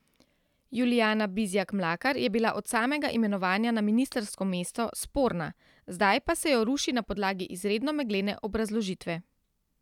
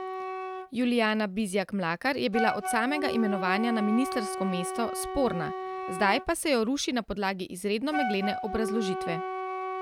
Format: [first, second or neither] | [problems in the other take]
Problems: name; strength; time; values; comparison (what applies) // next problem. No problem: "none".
first | background sound (Wind instrument, woodwind instrument); 6 dB below the speech